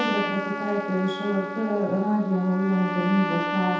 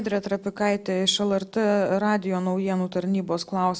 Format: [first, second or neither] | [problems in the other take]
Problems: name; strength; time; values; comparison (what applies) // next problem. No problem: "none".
second | background sound (Trumpet); 5 dB below the speech // room echo; dies away in 0.8 s